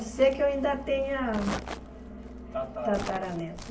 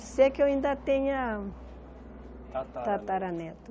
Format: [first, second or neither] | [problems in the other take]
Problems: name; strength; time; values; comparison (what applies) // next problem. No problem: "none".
second | background sound (Crumpling, crinkling); 12 dB below the speech // room echo; dies away in 0.3 s